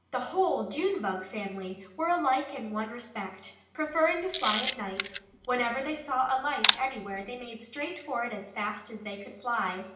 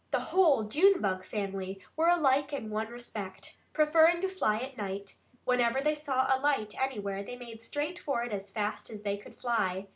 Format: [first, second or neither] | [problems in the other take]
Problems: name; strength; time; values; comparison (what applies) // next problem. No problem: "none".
second | background sound (Camera); 3 dB below the speech // room echo; dies away in 0.8 s